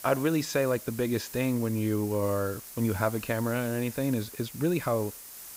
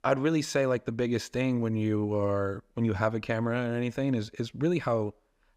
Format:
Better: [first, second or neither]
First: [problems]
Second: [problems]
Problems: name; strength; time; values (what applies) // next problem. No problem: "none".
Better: second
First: hiss; noticeable; throughout; 10 dB below the speech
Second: none